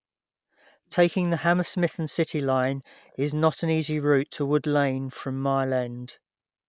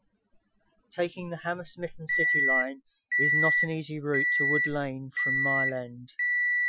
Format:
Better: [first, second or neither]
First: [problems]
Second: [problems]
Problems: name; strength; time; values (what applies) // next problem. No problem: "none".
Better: first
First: none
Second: noise reduction (classical method Wiener filter)